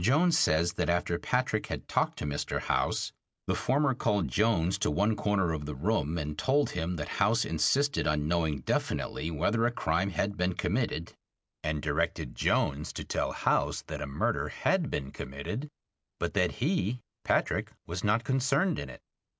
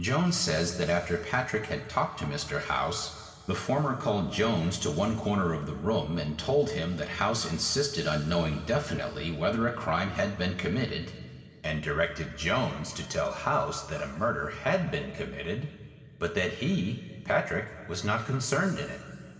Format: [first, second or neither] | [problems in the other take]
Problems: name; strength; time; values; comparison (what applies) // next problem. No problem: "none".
first | room echo; dies away in 2.1 s